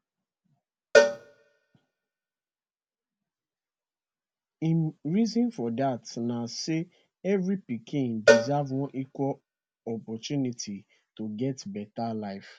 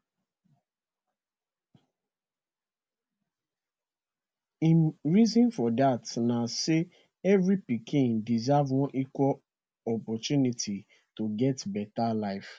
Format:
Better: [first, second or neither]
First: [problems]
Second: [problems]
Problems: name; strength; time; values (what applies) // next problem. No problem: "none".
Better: second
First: background sound (Cowbell); 5 dB above the speech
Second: none